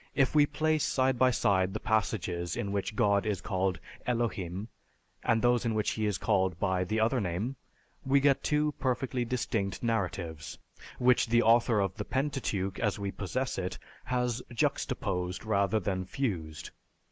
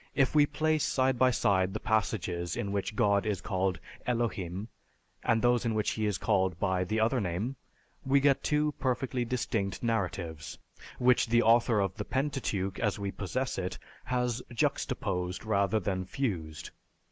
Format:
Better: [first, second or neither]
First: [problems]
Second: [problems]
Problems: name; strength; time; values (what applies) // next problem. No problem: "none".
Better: second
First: noise reduction (neural mask model Resemble Enhance denoiser)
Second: none